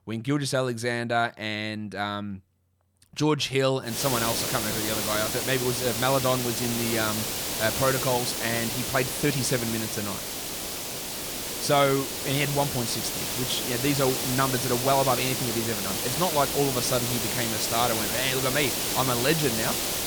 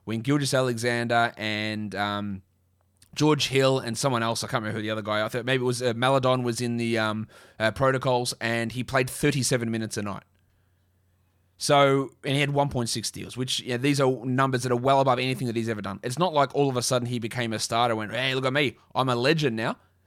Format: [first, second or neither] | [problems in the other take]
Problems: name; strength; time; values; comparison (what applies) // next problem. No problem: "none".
second | hiss; loud; from 4 s on; as loud as the speech